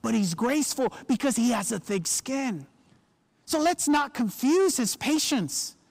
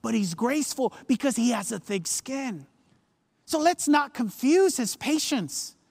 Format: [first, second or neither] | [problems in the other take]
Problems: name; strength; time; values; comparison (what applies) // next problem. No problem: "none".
second | distortion; slight; 10 dB below the speech